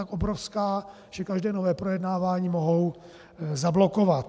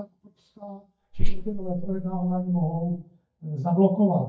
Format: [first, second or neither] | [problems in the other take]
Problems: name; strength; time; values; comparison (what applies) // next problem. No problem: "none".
first | noise reduction (neural mask model DeepFilterNet 3)